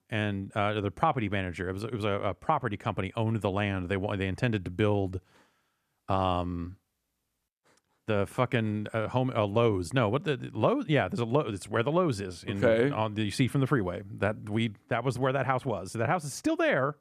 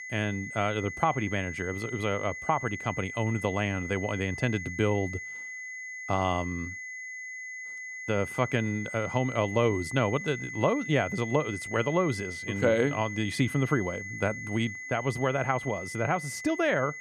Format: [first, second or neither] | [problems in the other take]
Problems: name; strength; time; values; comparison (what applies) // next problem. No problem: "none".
first | high-pitched whine; loud; throughout; 2 kHz, 8 dB below the speech